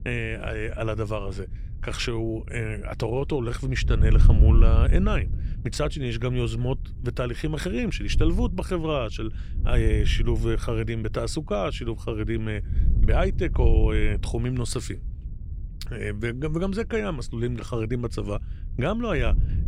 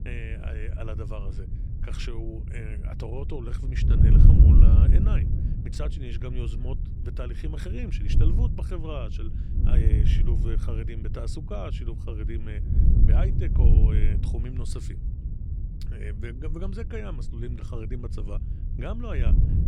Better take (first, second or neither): first